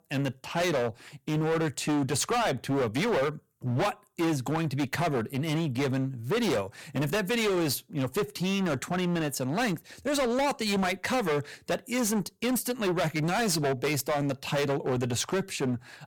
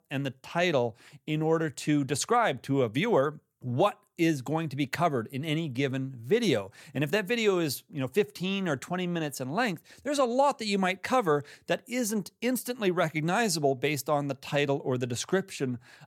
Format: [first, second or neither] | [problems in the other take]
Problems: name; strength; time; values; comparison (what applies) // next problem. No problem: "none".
second | distortion; heavy; 22% of the sound clipped